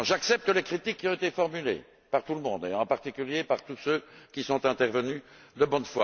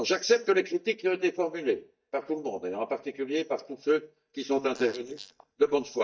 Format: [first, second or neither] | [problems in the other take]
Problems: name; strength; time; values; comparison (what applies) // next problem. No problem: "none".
first | noise reduction (neural mask model DeepFilterNet 3)